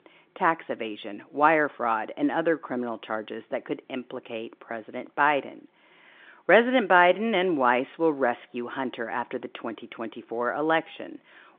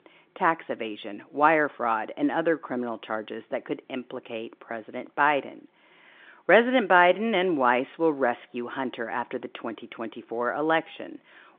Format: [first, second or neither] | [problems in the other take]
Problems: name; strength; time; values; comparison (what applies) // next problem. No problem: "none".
neither | phone-call audio; the same in both